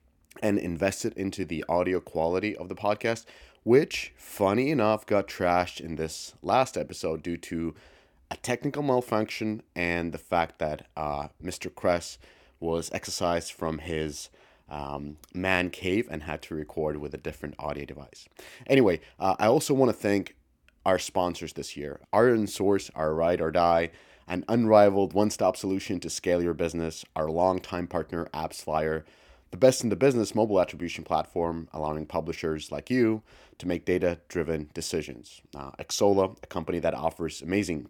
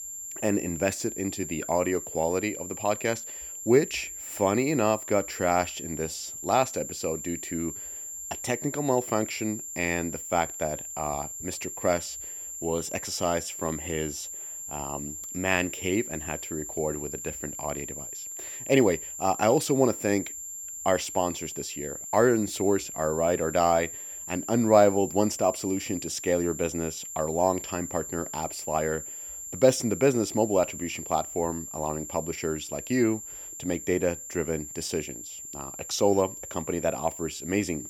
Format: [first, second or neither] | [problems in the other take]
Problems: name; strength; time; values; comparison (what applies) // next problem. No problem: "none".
first | high-pitched whine; loud; throughout; 7.5 kHz, 8 dB below the speech